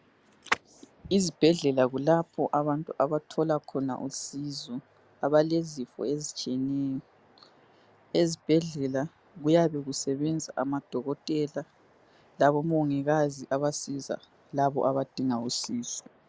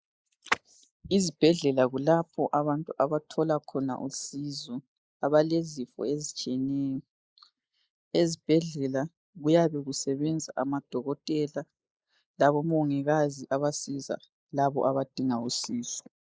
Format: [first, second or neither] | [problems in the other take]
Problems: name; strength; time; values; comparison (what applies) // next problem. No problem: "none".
first | noise reduction (neural mask model Resemble Enhance denoiser)